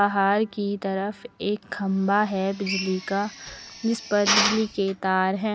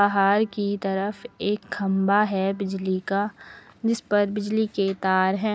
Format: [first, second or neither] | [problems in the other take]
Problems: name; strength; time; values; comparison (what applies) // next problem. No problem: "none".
second | background sound (Drill); 6 dB below the speech